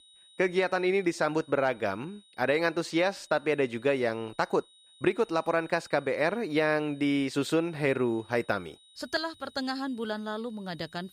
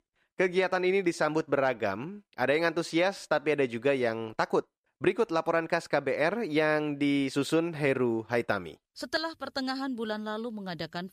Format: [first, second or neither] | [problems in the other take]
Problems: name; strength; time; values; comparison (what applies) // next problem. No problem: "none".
second | high-pitched whine; faint; throughout; 4 kHz, 25 dB below the speech